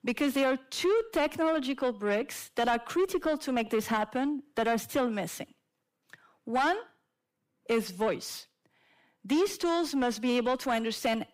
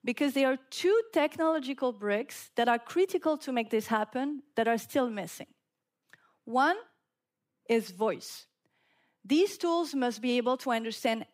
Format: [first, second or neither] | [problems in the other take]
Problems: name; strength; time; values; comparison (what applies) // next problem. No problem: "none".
second | distortion; slight; 10 dB below the speech